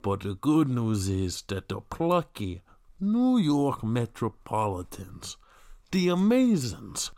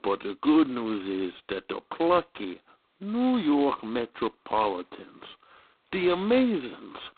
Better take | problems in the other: first | phone-call audio; poor line; nothing above 4 kHz

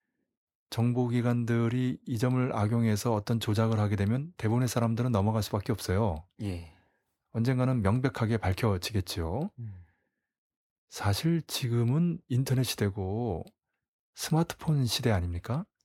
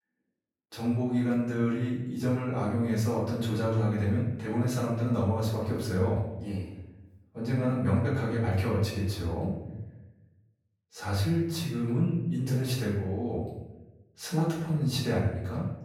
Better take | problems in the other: first | off-mic speech; far // room echo; noticeable; dies away in 0.8 s

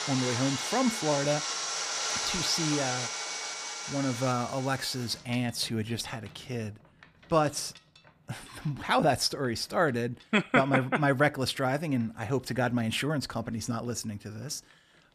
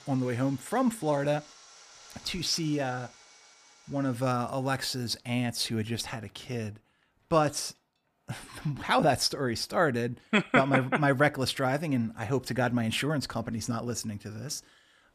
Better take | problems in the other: second | machinery noise; loud; throughout; 3 dB below the speech; faint in the second

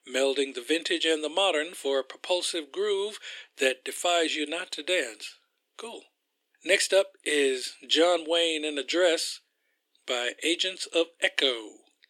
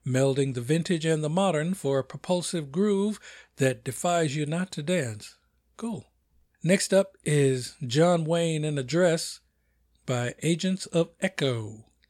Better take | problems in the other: second | thin; very; fading below 300 Hz

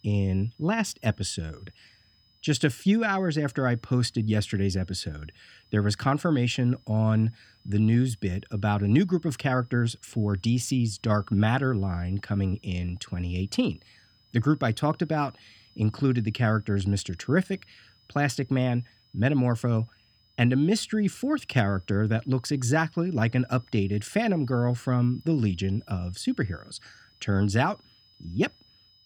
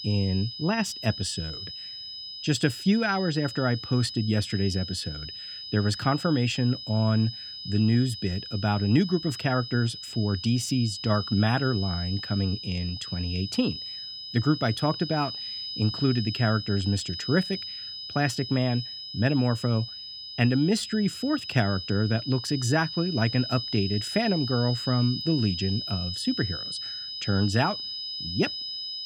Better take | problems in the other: first | high-pitched whine; loud; throughout; 5 kHz, 7 dB below the speech; faint in the first

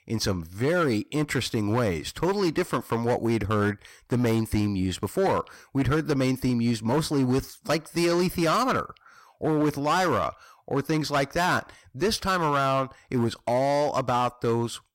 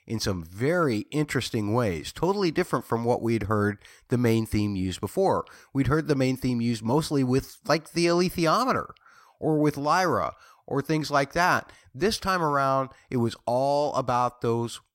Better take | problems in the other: second | distortion; slight; 10% of the sound clipped

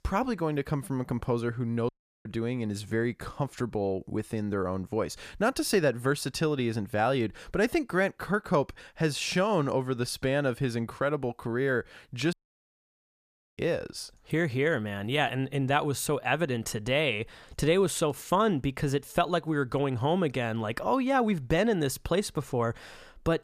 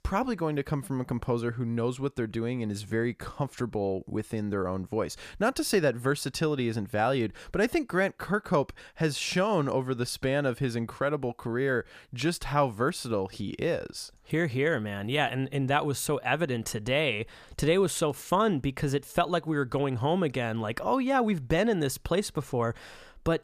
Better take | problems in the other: second | audio cutting out; at 2 s and at 12 s for 1.5 s

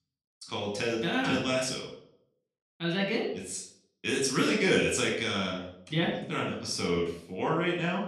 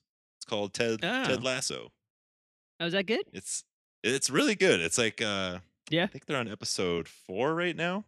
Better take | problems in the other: second | off-mic speech; far // room echo; noticeable; dies away in 0.5 s

